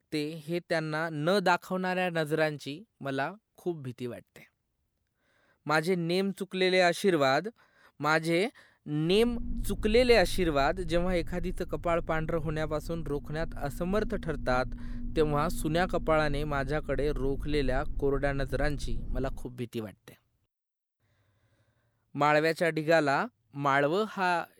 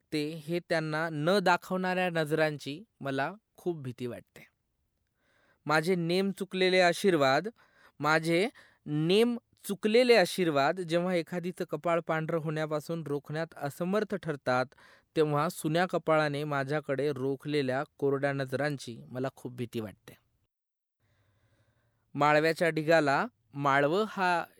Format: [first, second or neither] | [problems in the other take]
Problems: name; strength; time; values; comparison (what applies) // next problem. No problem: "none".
second | low rumble; faint; from 9 to 19 s; 25 dB below the speech